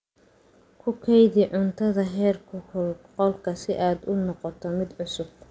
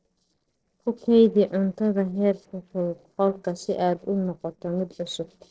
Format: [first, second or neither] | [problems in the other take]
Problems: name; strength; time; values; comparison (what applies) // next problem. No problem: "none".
first | noise reduction (neural separator model SepFormer DNS4)